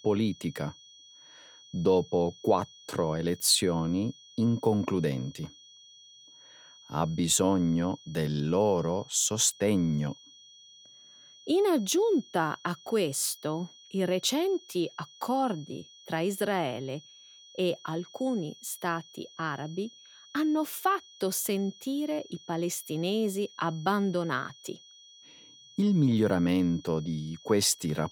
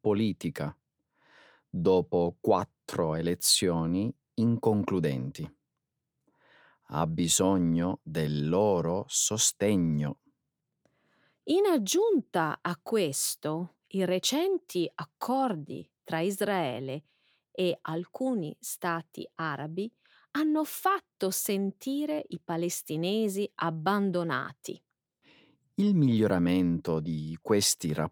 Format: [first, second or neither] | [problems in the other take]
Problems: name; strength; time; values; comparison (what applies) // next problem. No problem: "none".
second | high-pitched whine; faint; throughout; 3.5 kHz, 20 dB below the speech